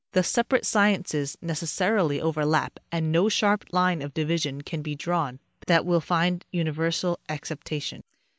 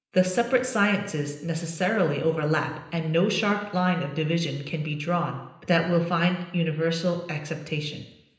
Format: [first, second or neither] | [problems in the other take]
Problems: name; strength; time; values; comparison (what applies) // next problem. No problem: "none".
first | room echo; dies away in 0.9 s